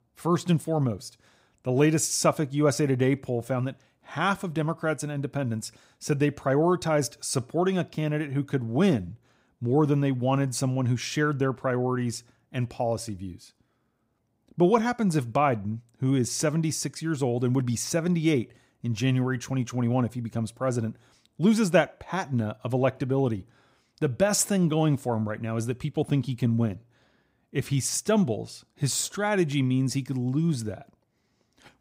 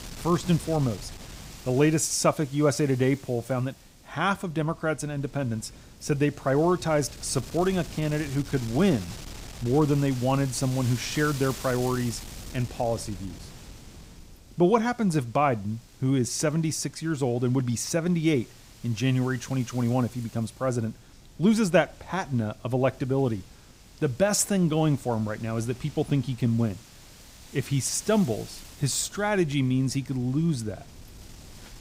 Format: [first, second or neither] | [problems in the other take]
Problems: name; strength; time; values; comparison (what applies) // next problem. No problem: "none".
first | wind noise on the microphone; occasional gusts; 20 dB below the speech